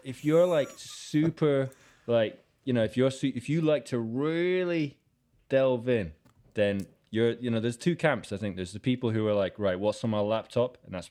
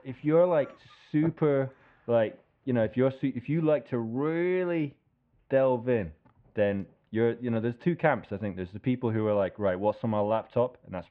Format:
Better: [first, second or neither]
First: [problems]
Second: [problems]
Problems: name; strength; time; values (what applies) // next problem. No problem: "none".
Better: first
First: none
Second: muffled; very; fading above 2.5 kHz